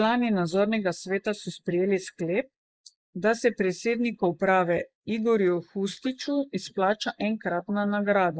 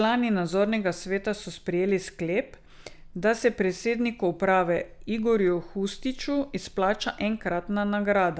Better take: second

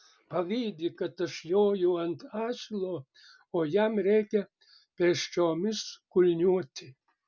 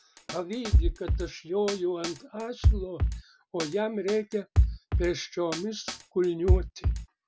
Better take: first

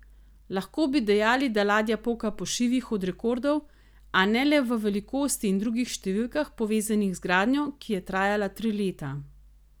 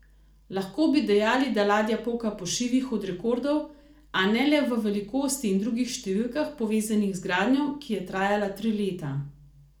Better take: first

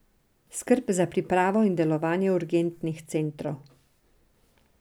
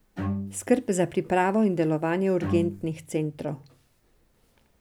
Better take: first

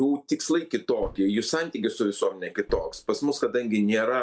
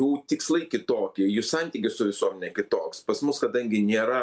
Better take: second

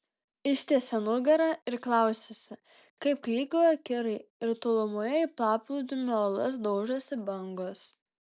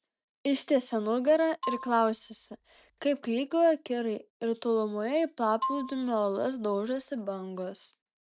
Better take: first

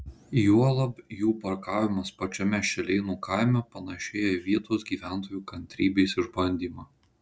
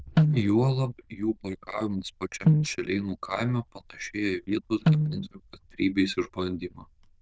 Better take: first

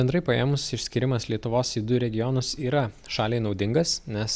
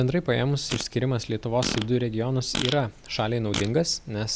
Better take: first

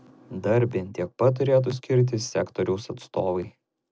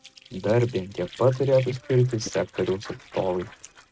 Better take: first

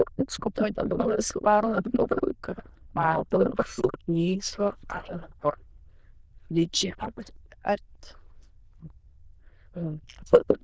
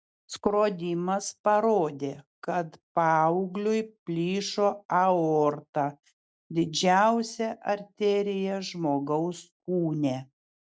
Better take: second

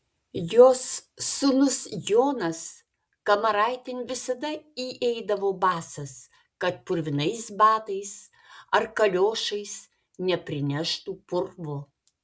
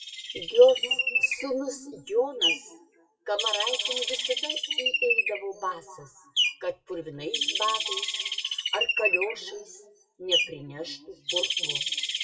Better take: first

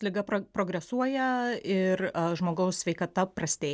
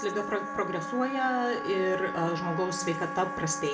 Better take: first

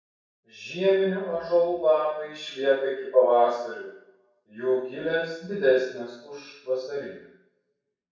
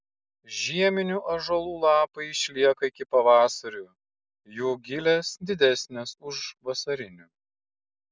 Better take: second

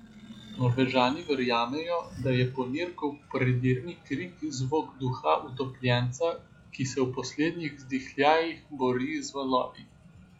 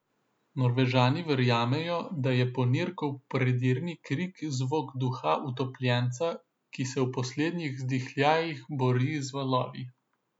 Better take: second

